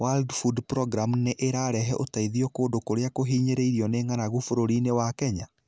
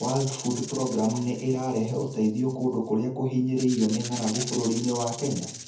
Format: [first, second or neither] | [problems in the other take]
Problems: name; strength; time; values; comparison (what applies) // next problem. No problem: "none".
first | background sound (Rattle (instrument)); 13 dB below the speech // room echo; dies away in 0.7 s